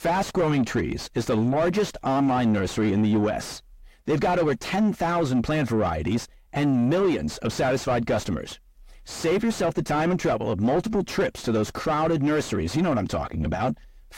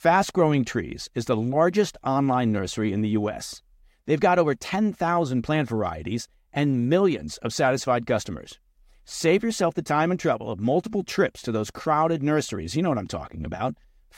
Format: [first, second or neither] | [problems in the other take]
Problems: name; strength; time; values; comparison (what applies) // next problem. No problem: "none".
second | distortion; heavy; 5 dB below the speech